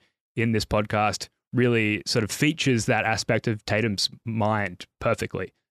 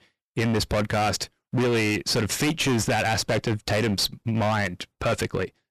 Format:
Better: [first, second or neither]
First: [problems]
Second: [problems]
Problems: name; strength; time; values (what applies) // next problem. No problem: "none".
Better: first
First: none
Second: distortion; heavy; 24% of the sound clipped